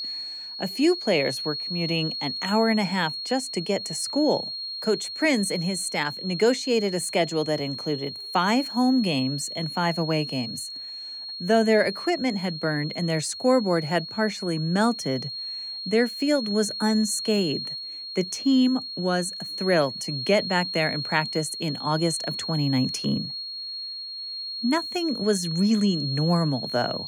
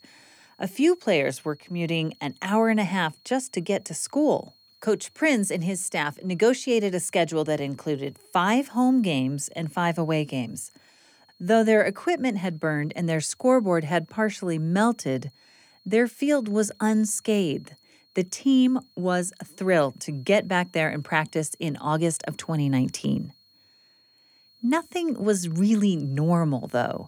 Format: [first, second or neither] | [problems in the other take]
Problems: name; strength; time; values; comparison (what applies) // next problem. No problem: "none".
second | high-pitched whine; loud; throughout; 4.5 kHz, 6 dB below the speech; faint in the second